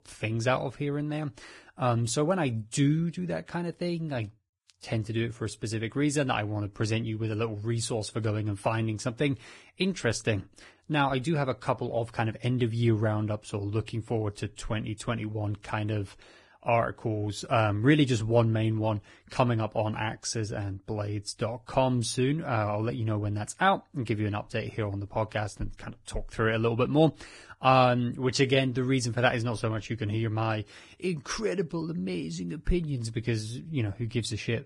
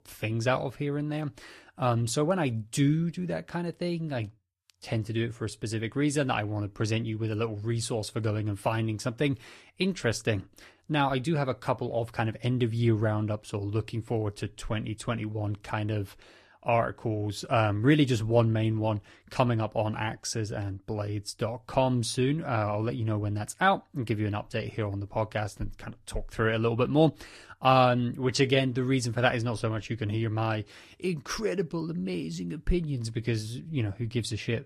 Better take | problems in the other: second | garbled, watery; badly; nothing above 10 kHz; slightly in the second

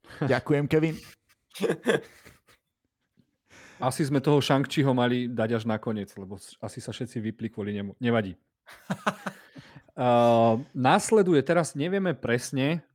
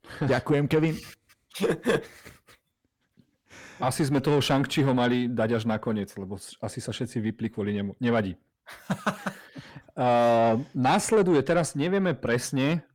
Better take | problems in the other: first | distortion; slight; 9 dB below the speech

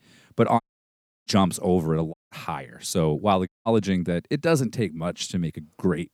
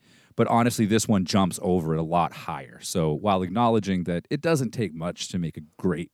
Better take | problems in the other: second | audio cutting out; at 0.5 s for 0.5 s, at 2 s and at 3.5 s

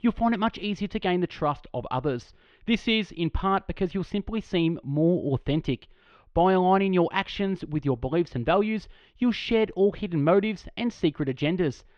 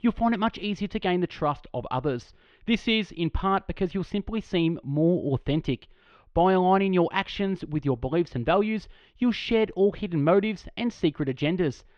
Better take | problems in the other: neither | muffled; slightly; fading above 3.5 kHz; the same in both

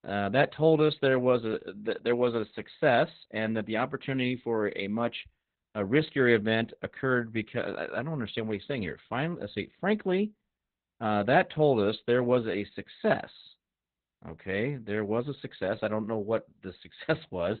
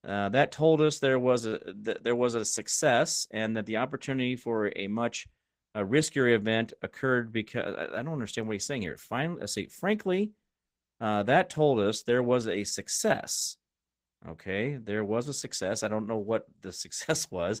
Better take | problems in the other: second | garbled, watery; badly; nothing above 4 kHz; slightly in the second

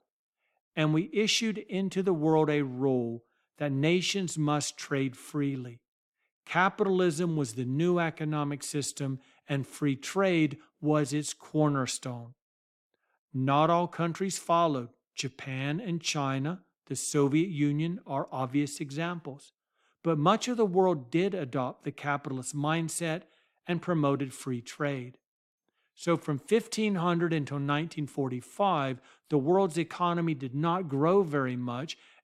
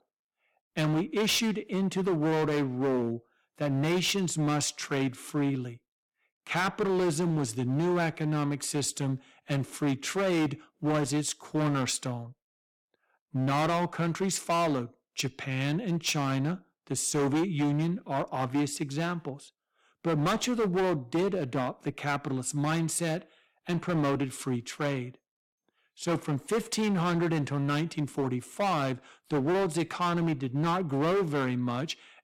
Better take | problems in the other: first | distortion; heavy; 14% of the sound clipped

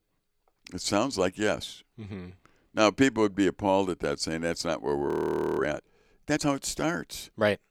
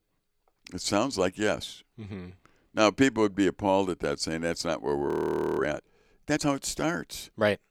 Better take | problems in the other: neither | audio freezing; at 5 s for 0.5 s; the same in both

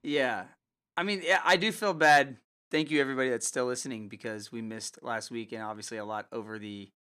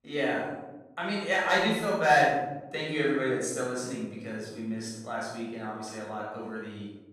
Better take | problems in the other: first | off-mic speech; far // room echo; strong; dies away in 1 s

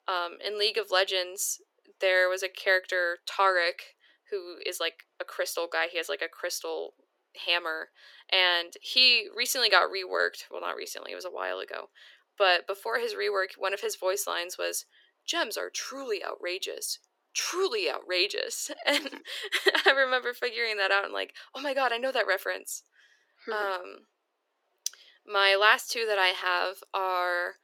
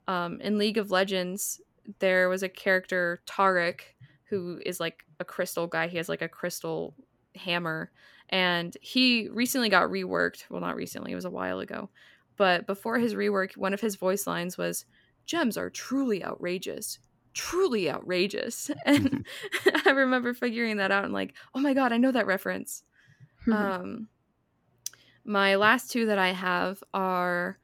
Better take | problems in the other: second | thin; very; fading below 400 Hz

